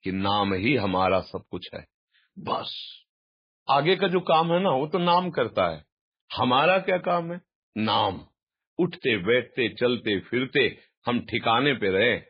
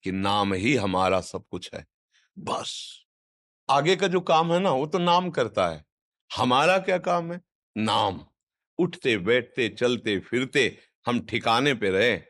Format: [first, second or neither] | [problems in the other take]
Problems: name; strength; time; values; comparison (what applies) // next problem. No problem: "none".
second | garbled, watery; badly